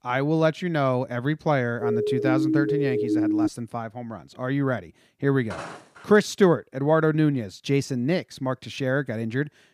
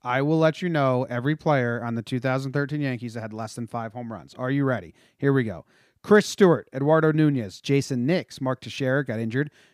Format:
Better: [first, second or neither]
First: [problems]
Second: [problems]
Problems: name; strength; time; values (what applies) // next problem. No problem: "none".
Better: second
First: siren; loud; from 2 to 3.5 s; peak 2 dB above the speech // footsteps; faint; at 5.5 s; peak 10 dB below the speech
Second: none